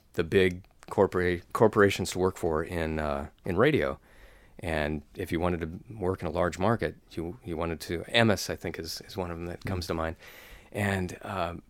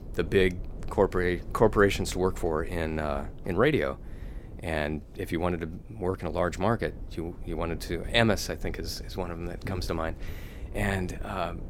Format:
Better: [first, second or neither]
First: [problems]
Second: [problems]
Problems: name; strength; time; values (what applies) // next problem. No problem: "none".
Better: first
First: none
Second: low rumble; faint; throughout; 20 dB below the speech